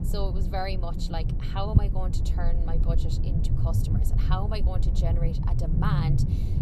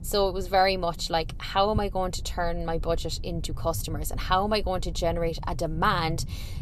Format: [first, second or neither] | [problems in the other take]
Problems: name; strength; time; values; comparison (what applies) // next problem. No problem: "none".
second | low rumble; loud; throughout; 4 dB below the speech; faint in the second